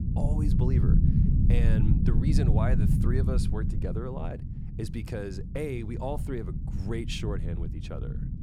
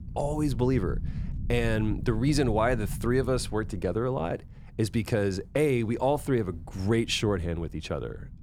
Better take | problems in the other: second | low rumble; loud; throughout; 2 dB below the speech; faint in the second

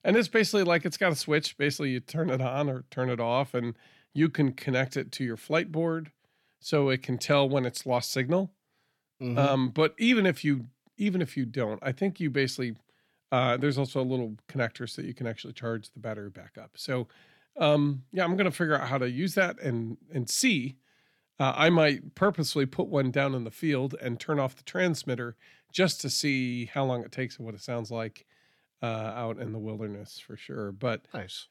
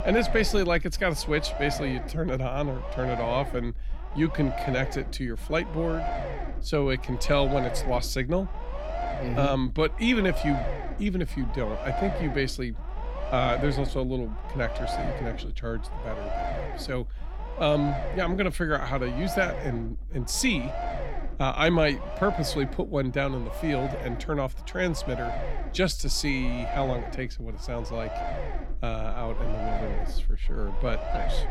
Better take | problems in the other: first | low rumble; loud; throughout; 6 dB below the speech

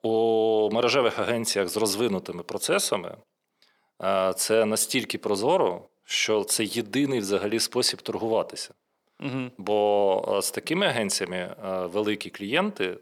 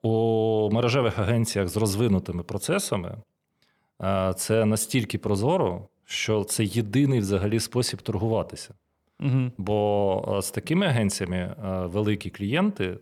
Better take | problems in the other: second | thin; somewhat; fading below 350 Hz

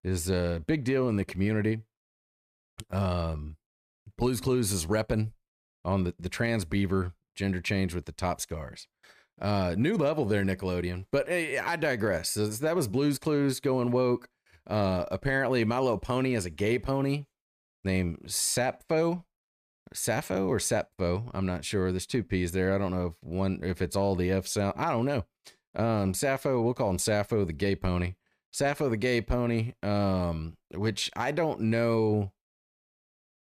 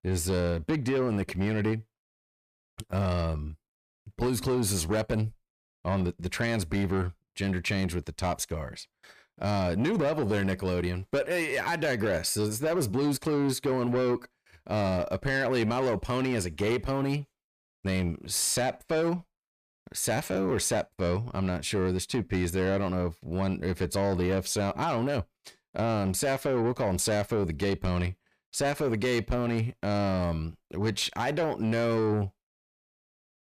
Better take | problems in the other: first | distortion; slight; 10 dB below the speech

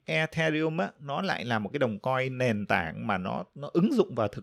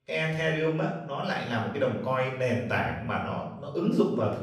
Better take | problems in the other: first | off-mic speech; far // room echo; noticeable; dies away in 0.8 s

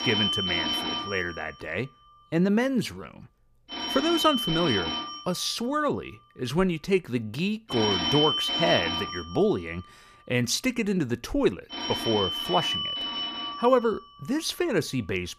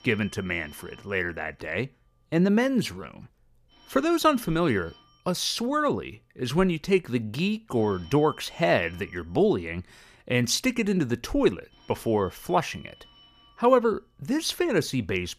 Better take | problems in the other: second | alarms or sirens; loud; throughout; 1 dB below the speech; faint in the second

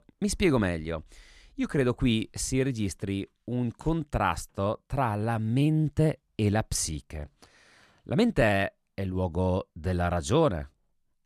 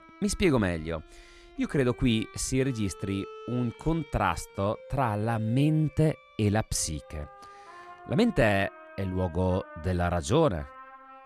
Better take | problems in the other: first | background music; noticeable; throughout; 20 dB below the speech

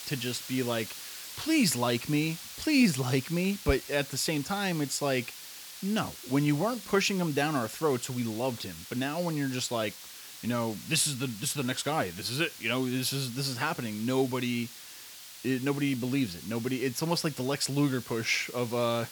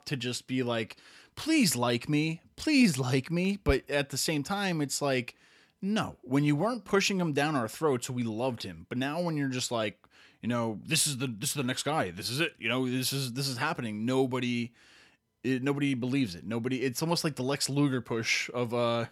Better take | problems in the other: second | hiss; noticeable; throughout; 10 dB below the speech

